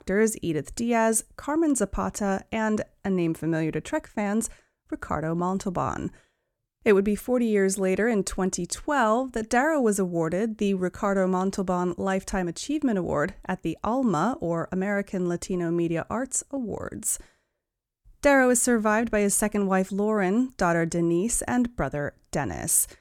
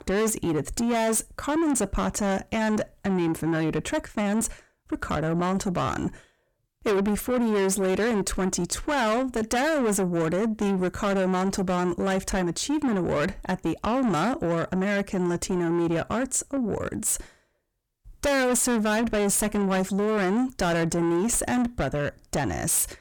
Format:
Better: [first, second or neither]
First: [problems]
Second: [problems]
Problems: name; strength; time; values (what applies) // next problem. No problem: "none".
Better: first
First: none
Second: distortion; heavy; 7 dB below the speech